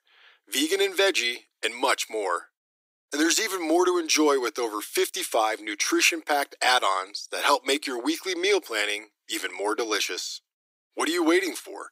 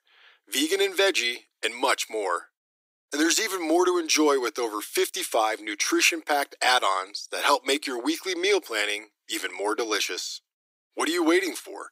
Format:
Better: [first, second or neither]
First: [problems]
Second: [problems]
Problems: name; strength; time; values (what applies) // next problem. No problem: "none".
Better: neither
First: thin; very; fading below 300 Hz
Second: thin; very; fading below 300 Hz